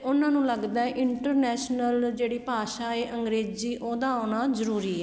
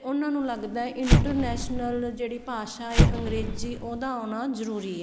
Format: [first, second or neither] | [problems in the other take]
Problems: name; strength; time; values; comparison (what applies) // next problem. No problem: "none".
first | background sound (Explosion); 4 dB above the speech